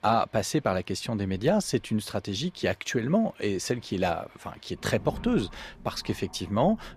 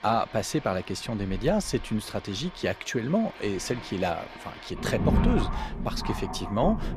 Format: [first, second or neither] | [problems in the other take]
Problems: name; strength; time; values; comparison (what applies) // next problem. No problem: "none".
first | rain or running water; loud; throughout; 4 dB below the speech; faint in the first